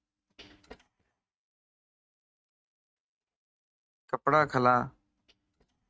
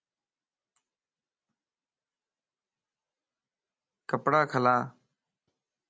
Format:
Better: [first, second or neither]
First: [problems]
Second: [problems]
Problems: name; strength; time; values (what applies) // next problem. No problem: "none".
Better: second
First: noise reduction (neural mask model RNNoise)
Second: none